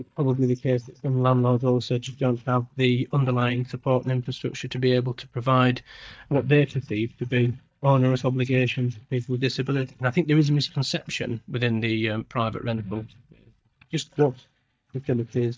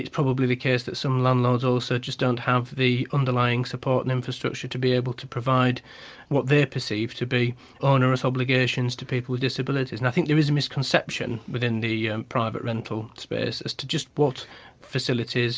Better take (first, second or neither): second